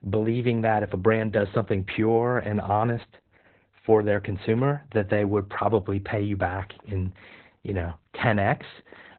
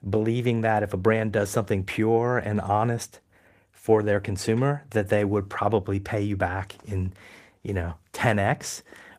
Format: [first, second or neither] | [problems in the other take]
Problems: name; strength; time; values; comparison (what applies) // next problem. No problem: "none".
second | garbled, watery; badly; nothing above 4 kHz; slightly in the second